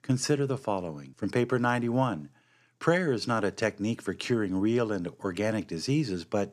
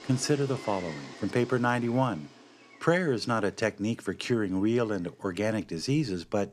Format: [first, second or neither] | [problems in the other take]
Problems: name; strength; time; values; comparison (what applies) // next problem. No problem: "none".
first | animal sounds; noticeable; throughout; 15 dB below the speech